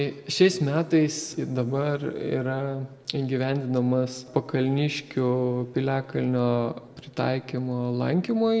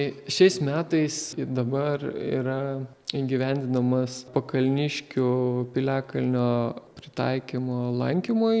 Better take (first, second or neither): second